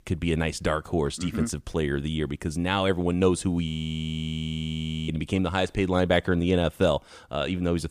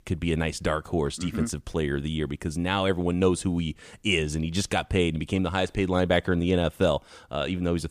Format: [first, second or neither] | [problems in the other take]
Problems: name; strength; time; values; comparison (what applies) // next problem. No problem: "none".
second | audio freezing; at 3.5 s for 1.5 s